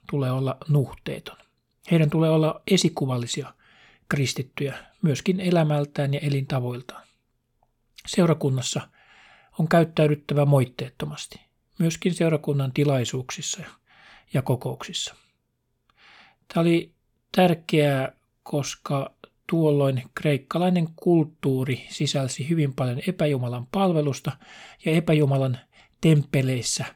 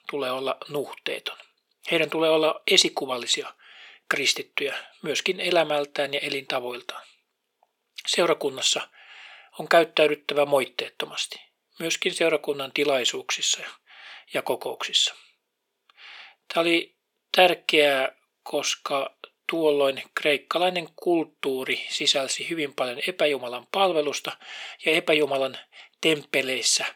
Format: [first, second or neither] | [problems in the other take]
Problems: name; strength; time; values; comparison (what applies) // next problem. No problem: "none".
first | thin; very; fading below 400 Hz